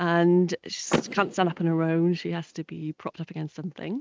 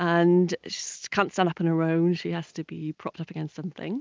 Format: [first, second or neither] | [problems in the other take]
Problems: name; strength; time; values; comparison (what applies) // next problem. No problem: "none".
second | noise reduction (neural mask model RNNoise)